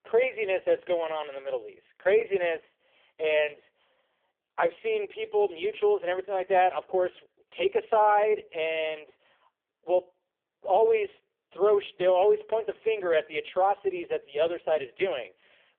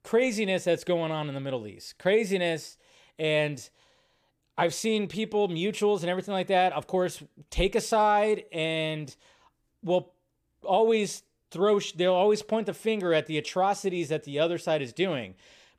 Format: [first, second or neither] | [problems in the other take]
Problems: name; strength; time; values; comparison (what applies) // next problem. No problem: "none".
second | phone-call audio; poor line; nothing above 3.5 kHz